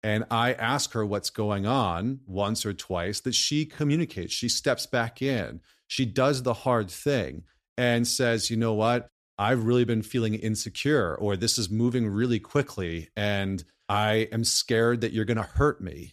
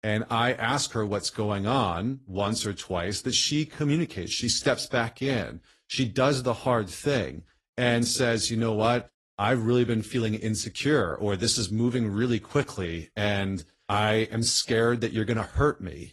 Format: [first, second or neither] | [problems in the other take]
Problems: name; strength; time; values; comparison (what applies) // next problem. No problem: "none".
first | garbled, watery; slightly; nothing above 11.5 kHz